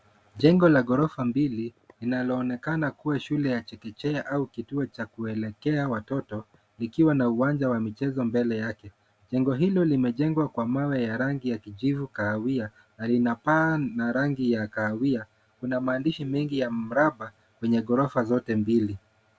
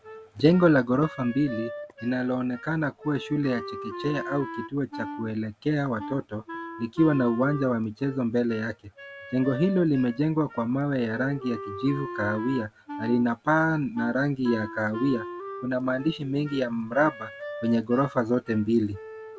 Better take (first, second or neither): first